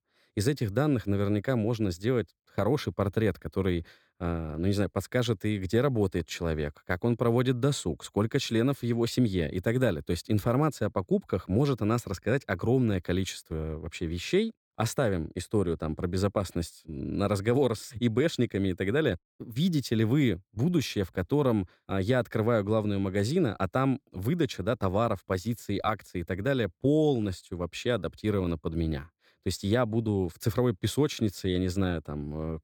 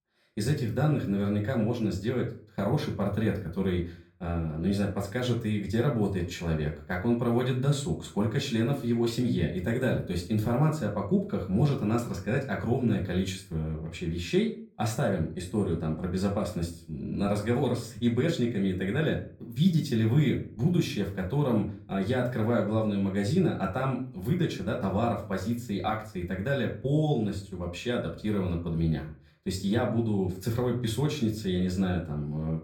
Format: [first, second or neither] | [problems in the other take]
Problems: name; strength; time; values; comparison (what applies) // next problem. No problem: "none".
first | off-mic speech; far // room echo; slight; dies away in 0.3 s